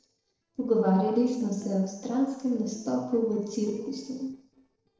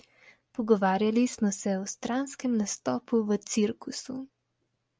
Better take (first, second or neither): second